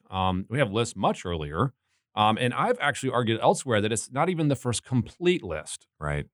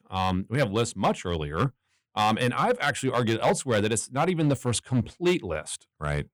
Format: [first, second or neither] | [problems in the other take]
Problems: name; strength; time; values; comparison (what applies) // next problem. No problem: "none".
first | distortion; slight; 4% of the sound clipped